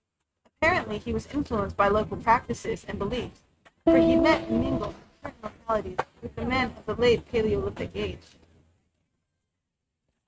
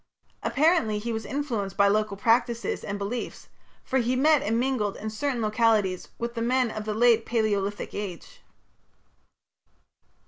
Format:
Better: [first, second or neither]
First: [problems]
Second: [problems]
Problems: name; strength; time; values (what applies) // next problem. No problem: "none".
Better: second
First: noise reduction (neural mask model RNNoise)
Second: none